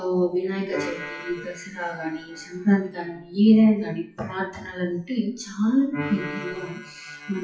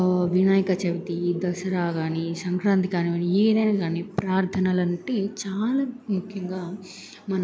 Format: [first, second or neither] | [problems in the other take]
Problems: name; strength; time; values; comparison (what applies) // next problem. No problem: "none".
second | noise reduction (classical method WPE with log-MMSE)